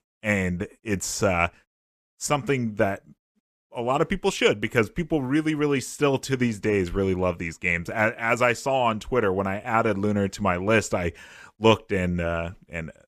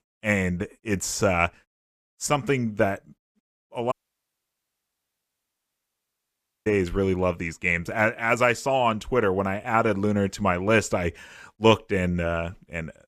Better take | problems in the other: first | audio cutting out; at 4 s for 2.5 s

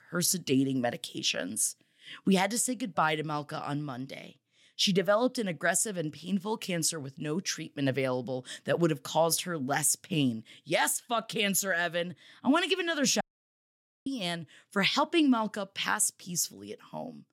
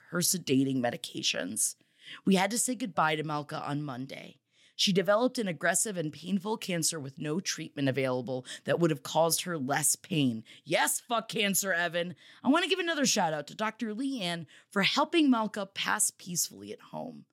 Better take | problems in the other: second | audio cutting out; at 13 s for 1 s

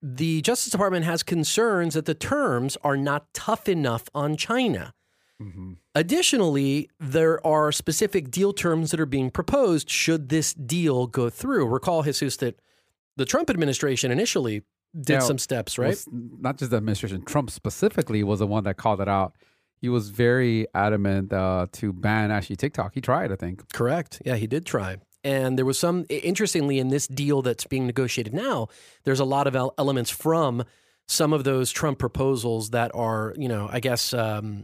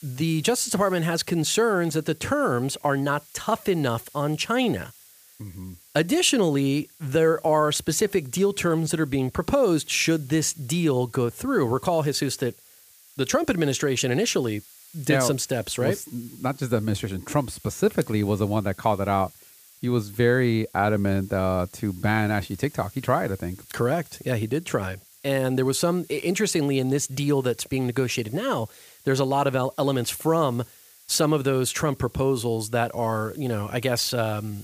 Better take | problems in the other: first | hiss; faint; throughout; 25 dB below the speech

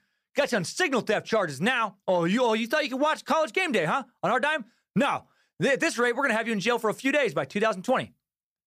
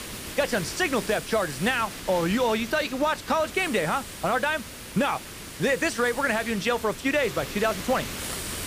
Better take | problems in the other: first | hiss; loud; throughout; 10 dB below the speech

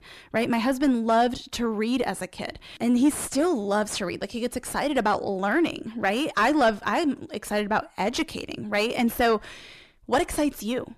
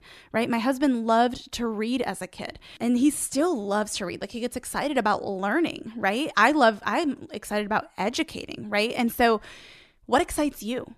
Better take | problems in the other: second | distortion; slight; 10 dB below the speech

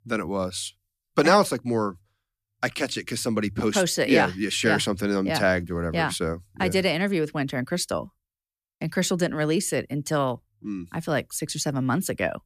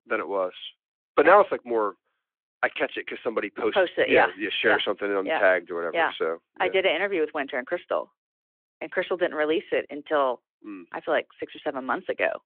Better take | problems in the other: first | phone-call audio

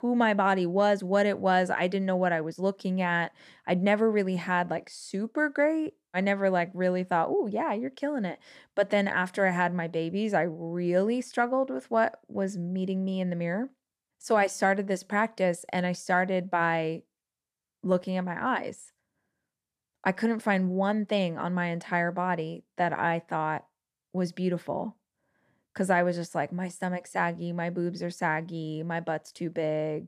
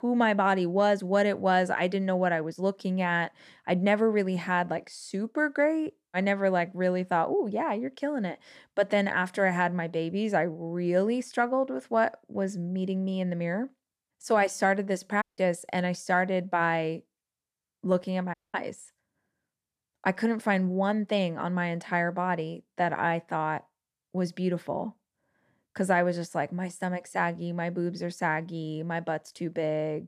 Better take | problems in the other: first | audio cutting out; at 15 s and at 18 s

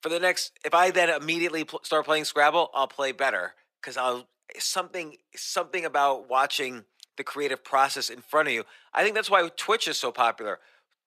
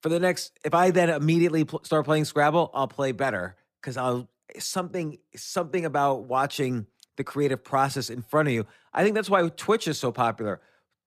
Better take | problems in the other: second | thin; very; fading below 550 Hz

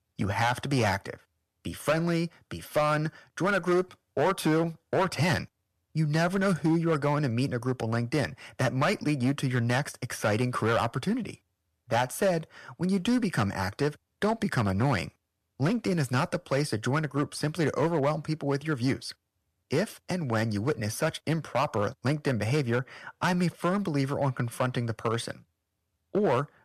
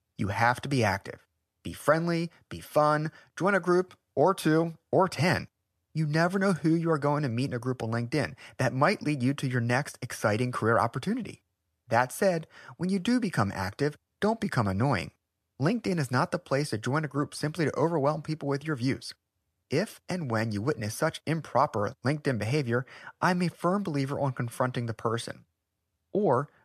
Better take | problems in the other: second | distortion; slight; 5% of the sound clipped

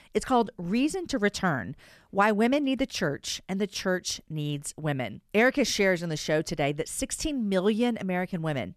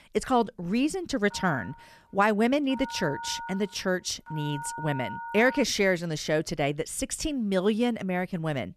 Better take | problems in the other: first | phone ringing; noticeable; from 1.5 to 5.5 s; peak 9 dB below the speech

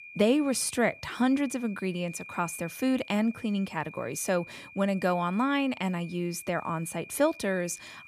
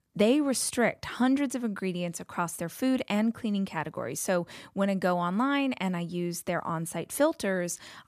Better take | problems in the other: second | high-pitched whine; noticeable; throughout; 2.5 kHz, 15 dB below the speech

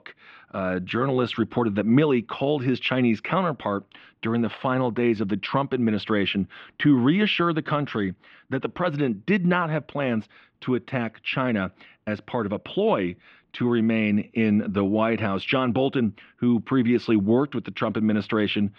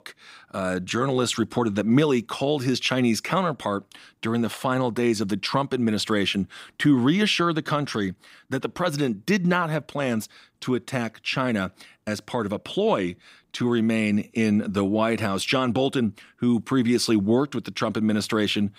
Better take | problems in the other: second | muffled; very; fading above 3 kHz

